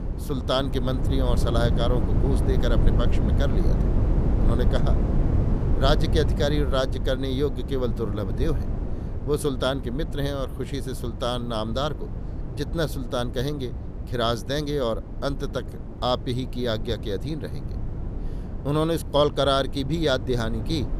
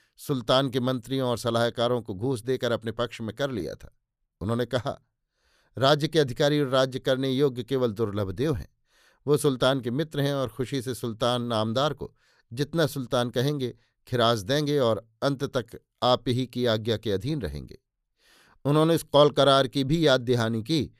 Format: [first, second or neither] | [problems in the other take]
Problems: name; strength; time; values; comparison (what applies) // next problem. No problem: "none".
second | low rumble; noticeable; throughout; 10 dB below the speech